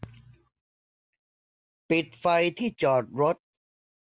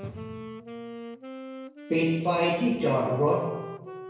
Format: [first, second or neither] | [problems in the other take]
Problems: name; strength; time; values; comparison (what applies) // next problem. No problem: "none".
first | background sound (Wind instrument, woodwind instrument); 12 dB below the speech // room echo; dies away in 0.9 s